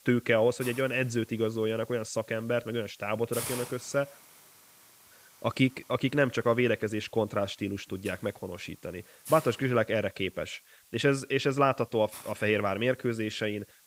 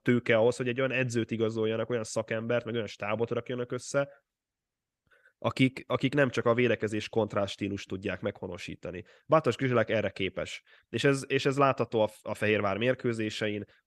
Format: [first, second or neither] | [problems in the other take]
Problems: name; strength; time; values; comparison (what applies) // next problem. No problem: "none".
second | hiss; noticeable; throughout; 15 dB below the speech